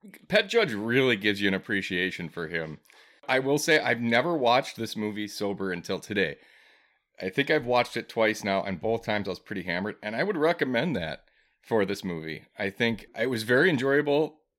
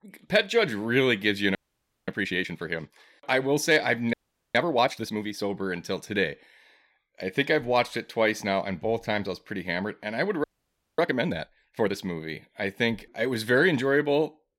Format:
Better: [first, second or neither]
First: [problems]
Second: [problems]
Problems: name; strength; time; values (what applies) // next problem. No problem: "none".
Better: first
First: none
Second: audio freezing; at 1.5 s for 0.5 s, at 4 s and at 10 s for 0.5 s